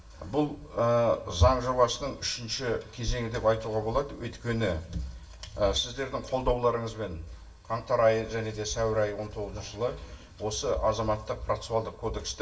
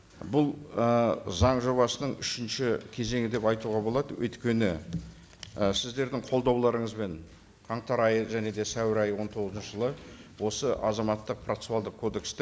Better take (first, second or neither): second